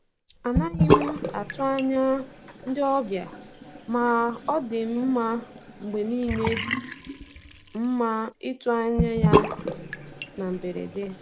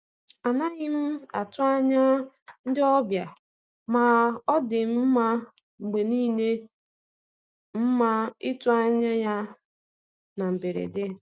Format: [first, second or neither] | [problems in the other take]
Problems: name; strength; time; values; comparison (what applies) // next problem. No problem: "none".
second | background sound (Bathtub (filling or washing) / Sink (filling or washing)); 1 dB below the speech